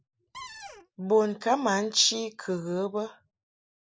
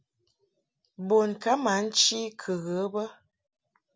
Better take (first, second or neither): second